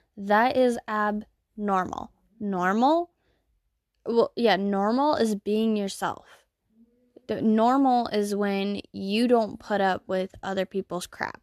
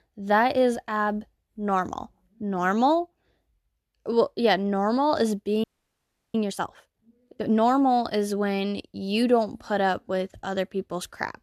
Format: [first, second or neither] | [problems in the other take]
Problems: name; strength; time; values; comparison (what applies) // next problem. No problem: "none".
first | audio freezing; at 5.5 s for 0.5 s